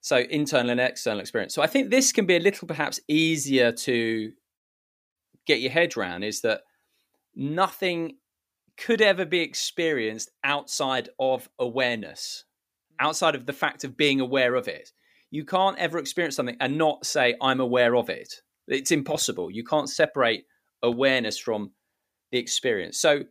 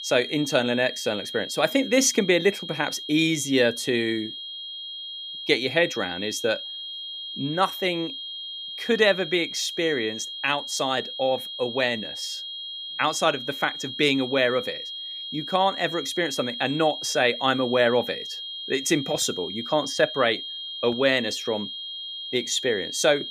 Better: first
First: none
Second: high-pitched whine; loud; throughout; 3.5 kHz, 8 dB below the speech

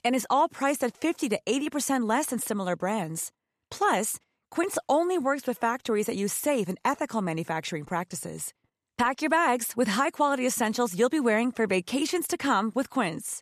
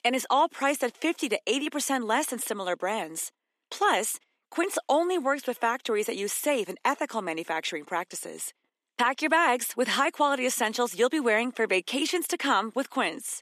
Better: first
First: none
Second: thin; very slightly; fading below 250 Hz

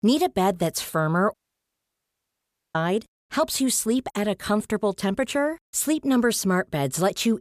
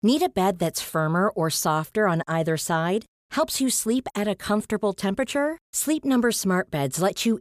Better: second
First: audio cutting out; at 1.5 s for 1.5 s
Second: none

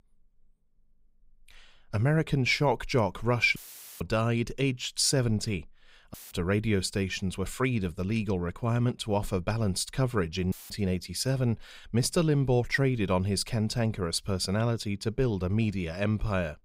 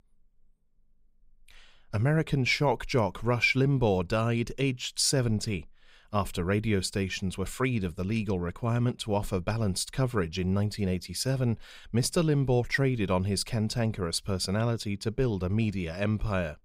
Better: second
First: audio cutting out; filled with static; at 3.5 s, at 6 s and at 11 s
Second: none

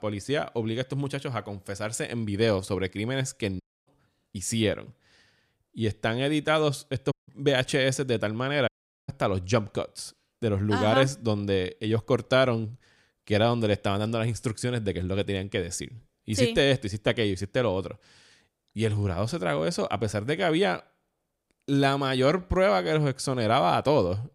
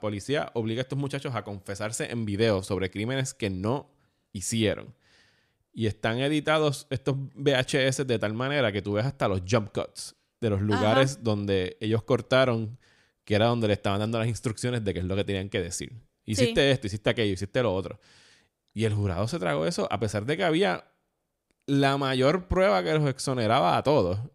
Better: second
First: audio cutting out; at 3.5 s, at 7 s and at 8.5 s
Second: none

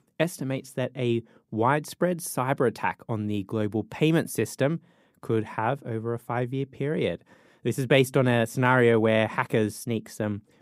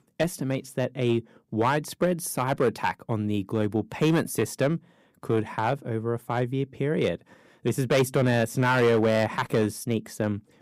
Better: first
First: none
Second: distortion; slight; 4% of the sound clipped

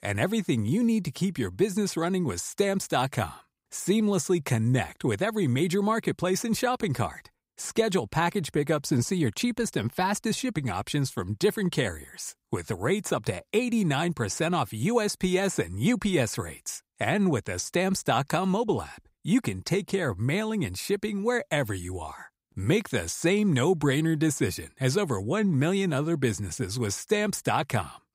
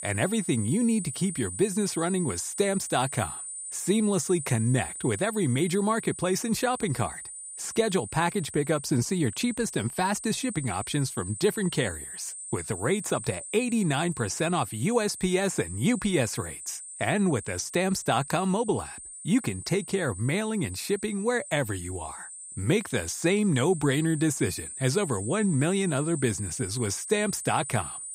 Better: first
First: none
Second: high-pitched whine; loud; throughout; 8.5 kHz, 9 dB below the speech

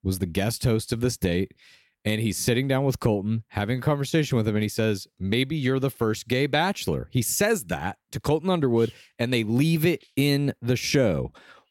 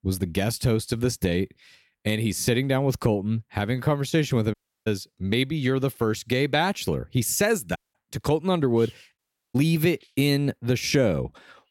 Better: first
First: none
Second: audio cutting out; at 4.5 s, at 8 s and at 9 s

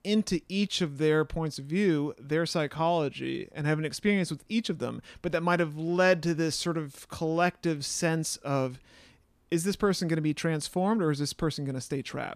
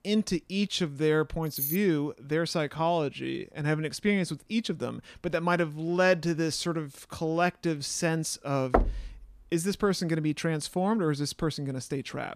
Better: first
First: none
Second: jangling keys; noticeable; at 1.5 s; peak 2 dB below the speech // door banging; loud; at 8.5 s; peak 1 dB above the speech

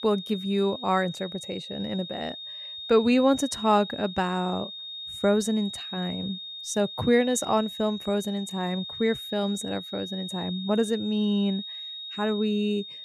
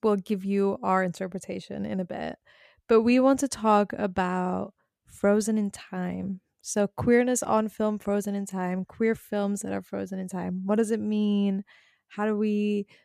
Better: second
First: high-pitched whine; loud; throughout; 3.5 kHz, 9 dB below the speech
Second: none

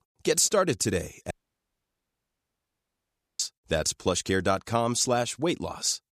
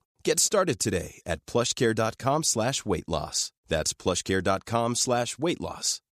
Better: second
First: audio cutting out; at 1.5 s for 2 s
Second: none

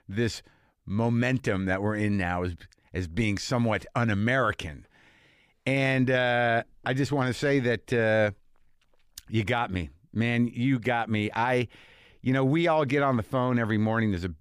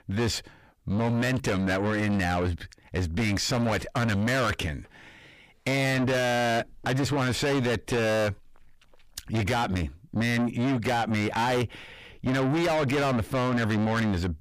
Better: first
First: none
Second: distortion; heavy; 6 dB below the speech

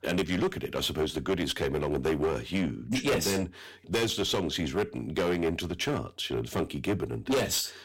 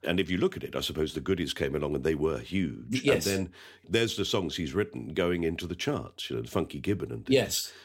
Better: second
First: distortion; heavy; 11% of the sound clipped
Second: none

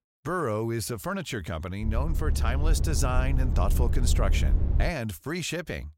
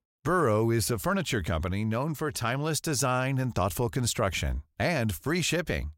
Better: second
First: low rumble; noticeable; from 2 to 5 s; 10 dB below the speech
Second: none

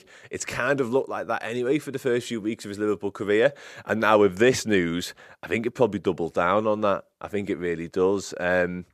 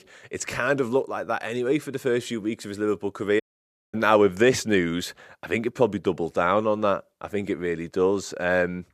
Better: first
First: none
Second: audio cutting out; at 3.5 s for 0.5 s

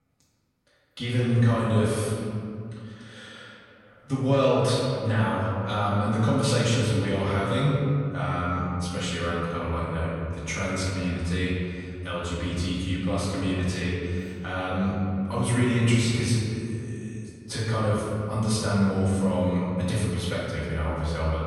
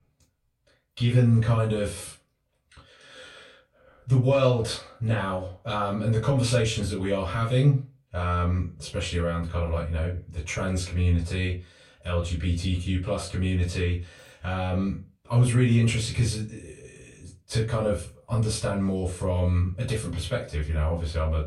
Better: second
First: room echo; strong; dies away in 2.3 s // off-mic speech; far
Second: room echo; slight; dies away in 0.2 s // off-mic speech; far

